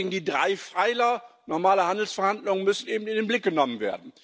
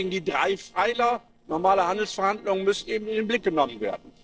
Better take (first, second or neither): first